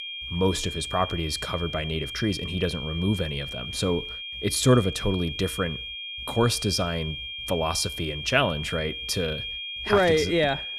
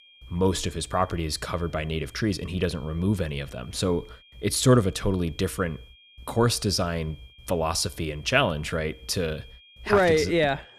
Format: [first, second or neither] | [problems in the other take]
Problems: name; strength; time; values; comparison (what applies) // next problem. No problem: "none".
second | high-pitched whine; loud; throughout; 3 kHz, 7 dB below the speech; faint in the second